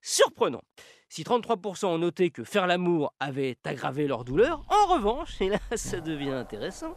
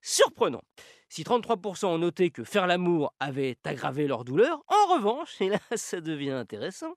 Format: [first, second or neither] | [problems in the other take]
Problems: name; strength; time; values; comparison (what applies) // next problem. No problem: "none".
second | animal sounds; noticeable; from 4.5 s on; 20 dB below the speech